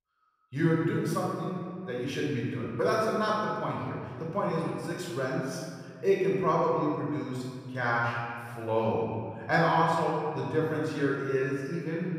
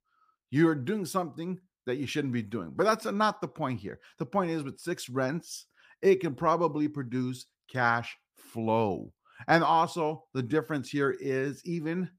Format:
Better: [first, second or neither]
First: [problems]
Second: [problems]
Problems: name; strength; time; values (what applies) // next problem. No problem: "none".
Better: second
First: off-mic speech; far // room echo; strong; dies away in 1.9 s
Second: none